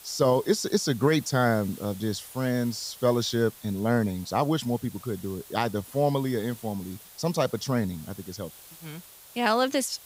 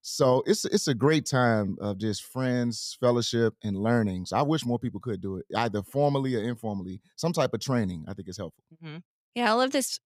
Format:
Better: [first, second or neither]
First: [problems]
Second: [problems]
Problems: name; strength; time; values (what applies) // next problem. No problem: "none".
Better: second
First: hiss; noticeable; throughout; 20 dB below the speech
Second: none